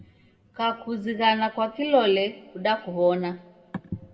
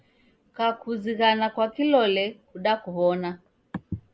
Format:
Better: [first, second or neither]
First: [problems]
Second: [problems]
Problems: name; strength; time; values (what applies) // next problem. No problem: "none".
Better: second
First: room echo; dies away in 1.4 s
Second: none